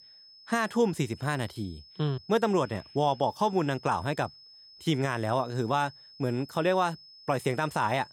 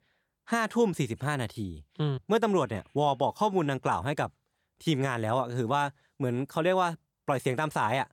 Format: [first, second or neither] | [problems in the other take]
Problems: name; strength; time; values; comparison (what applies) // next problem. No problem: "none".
second | high-pitched whine; faint; throughout; 5 kHz, 20 dB below the speech